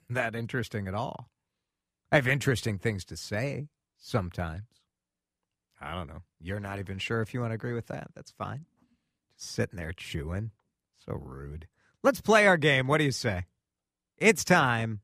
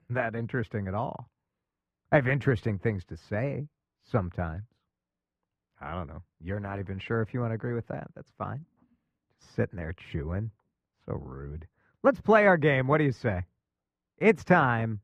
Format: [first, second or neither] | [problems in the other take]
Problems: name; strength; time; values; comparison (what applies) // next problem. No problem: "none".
first | muffled; very; fading above 3.5 kHz